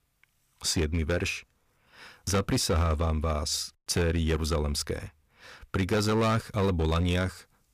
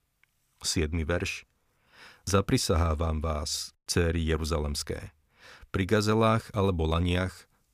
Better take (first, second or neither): second